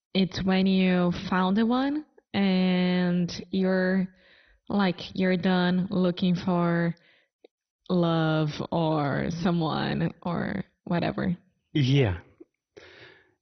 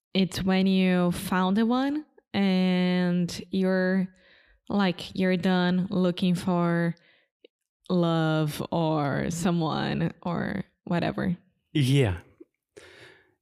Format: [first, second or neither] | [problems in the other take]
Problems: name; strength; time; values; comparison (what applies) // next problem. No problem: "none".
second | garbled, watery; badly; nothing above 6 kHz